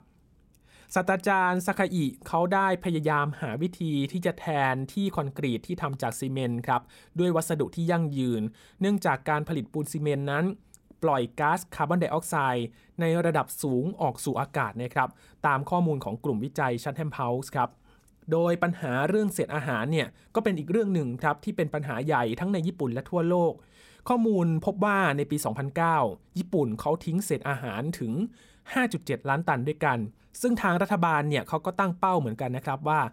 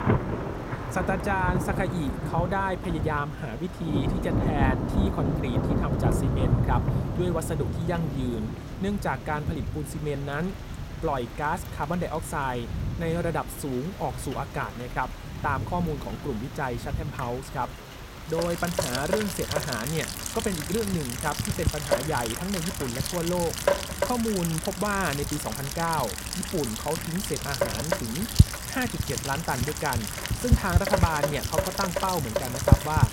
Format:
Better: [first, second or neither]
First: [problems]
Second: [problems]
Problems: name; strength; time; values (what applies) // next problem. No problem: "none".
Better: first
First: none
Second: rain or running water; very loud; throughout; 1 dB above the speech